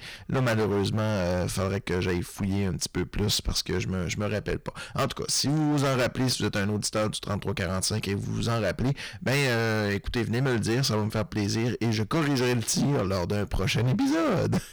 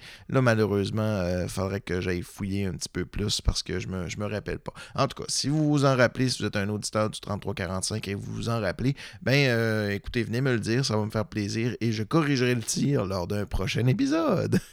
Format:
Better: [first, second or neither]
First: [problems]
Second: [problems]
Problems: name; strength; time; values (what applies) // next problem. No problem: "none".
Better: second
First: distortion; heavy; 19% of the sound clipped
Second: none